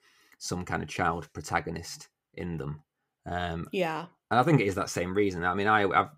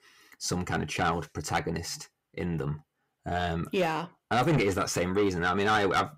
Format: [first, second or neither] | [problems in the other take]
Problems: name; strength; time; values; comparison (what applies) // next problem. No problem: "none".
first | distortion; heavy; 7 dB below the speech